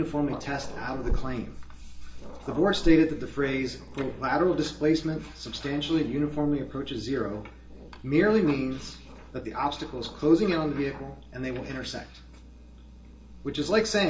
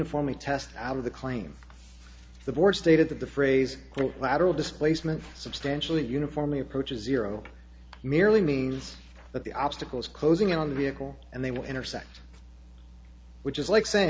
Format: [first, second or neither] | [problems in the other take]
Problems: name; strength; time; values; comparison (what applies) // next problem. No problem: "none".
second | background sound (Growling); 10 dB below the speech // room echo; dies away in 0.4 s